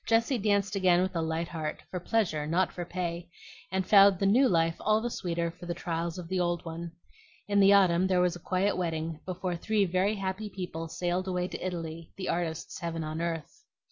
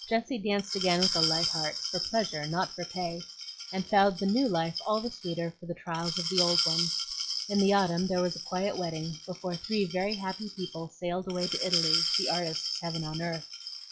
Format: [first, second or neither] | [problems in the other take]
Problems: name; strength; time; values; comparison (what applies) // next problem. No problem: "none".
first | noise reduction (classical method log-MMSE)